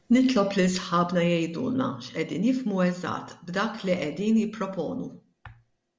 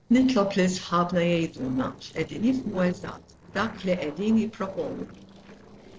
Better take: first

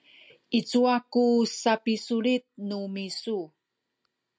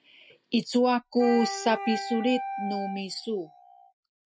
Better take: first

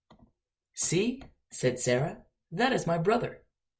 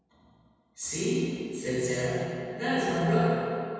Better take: first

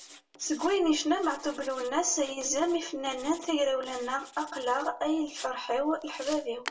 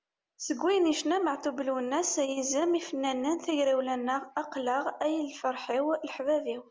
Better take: second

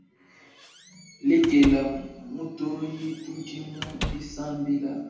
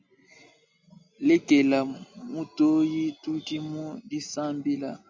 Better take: second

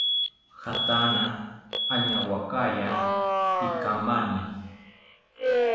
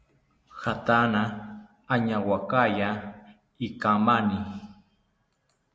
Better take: second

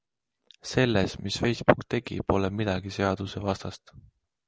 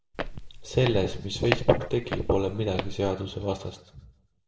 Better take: first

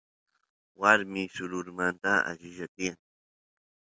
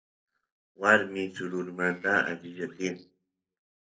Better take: first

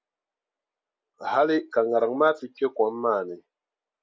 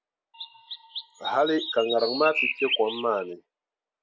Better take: first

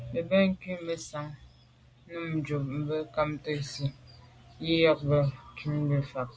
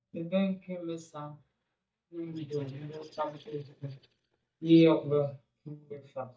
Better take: first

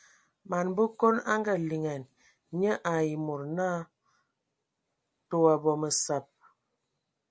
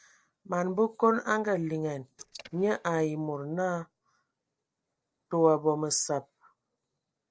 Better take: first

